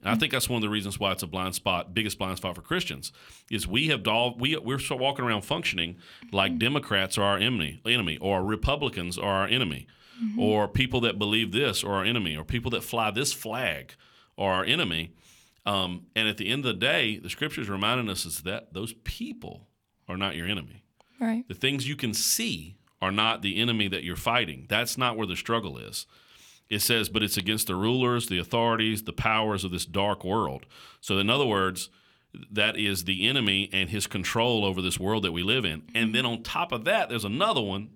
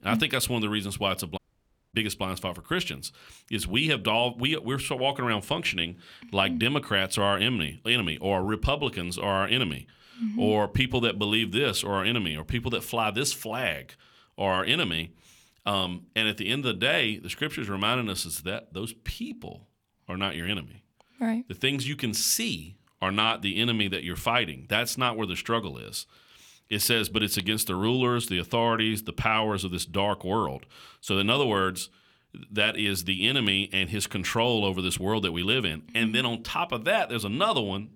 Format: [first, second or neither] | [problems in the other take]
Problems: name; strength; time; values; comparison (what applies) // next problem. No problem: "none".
first | audio cutting out; at 1.5 s for 0.5 s